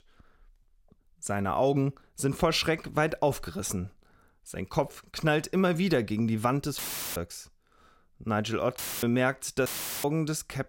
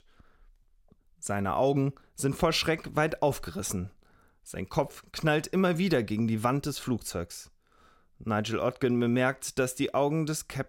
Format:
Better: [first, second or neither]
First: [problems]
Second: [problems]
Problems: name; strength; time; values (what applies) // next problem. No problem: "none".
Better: second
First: audio cutting out; filled with static; at 7 s, at 9 s and at 9.5 s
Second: none